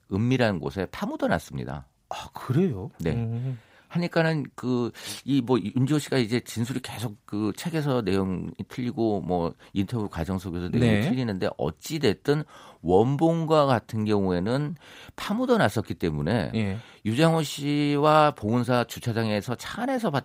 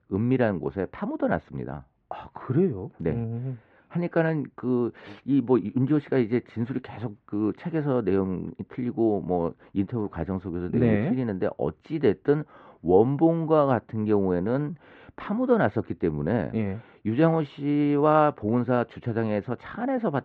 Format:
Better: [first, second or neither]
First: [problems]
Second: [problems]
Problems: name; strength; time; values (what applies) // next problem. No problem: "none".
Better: first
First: none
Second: muffled; very; fading above 2 kHz